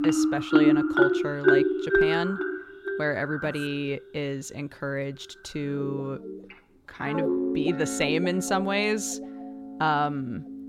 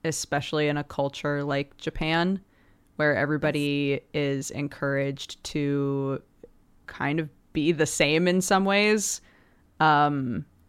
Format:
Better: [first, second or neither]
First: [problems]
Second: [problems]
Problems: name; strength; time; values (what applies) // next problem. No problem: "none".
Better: second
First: background music; very loud; throughout; 4 dB above the speech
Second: none